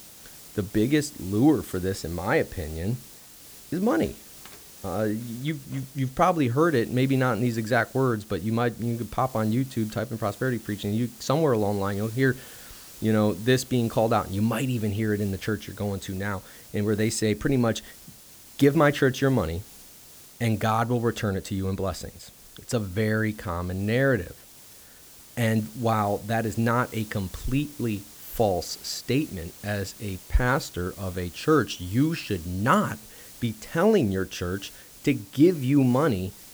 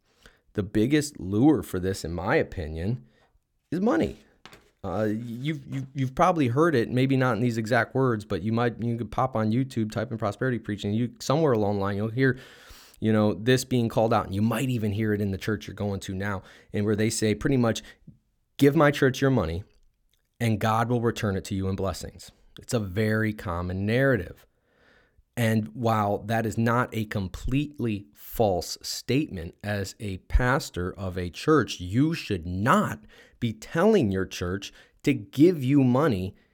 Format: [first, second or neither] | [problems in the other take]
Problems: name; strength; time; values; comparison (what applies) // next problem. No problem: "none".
second | hiss; noticeable; throughout; 20 dB below the speech